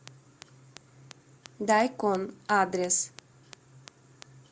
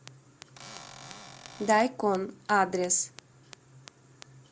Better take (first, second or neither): first